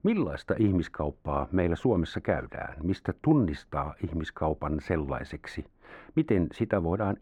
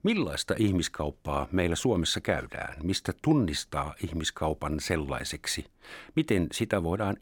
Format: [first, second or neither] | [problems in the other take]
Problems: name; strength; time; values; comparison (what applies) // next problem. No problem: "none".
second | muffled; very; fading above 3 kHz